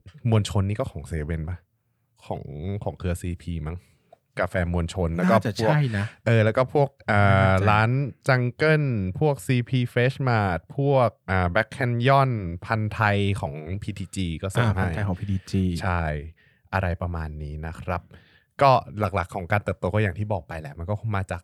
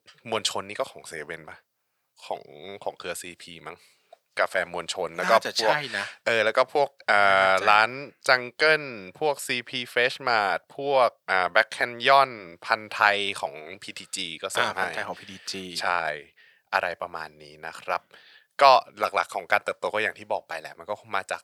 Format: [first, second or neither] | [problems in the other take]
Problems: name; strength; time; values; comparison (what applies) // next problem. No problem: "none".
first | thin; very; fading below 600 Hz